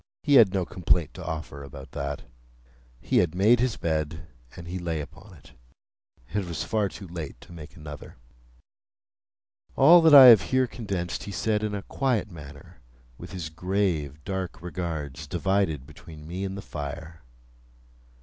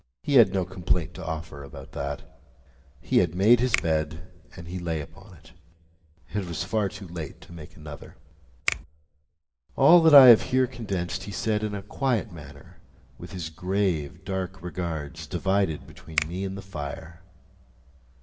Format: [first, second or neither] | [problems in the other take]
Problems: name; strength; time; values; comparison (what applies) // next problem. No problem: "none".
first | background sound (Finger snapping); 11 dB below the speech // room echo; dies away in 0.5 s